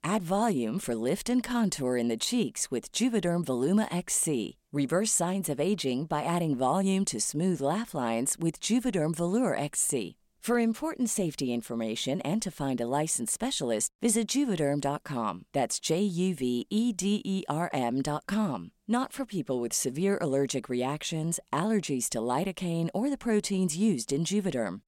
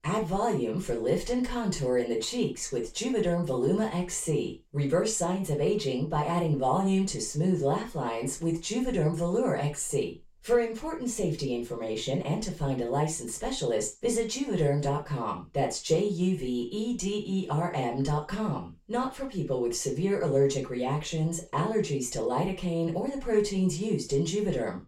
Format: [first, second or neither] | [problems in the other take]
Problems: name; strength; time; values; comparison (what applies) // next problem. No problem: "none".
first | room echo; slight; dies away in 0.2 s // off-mic speech; far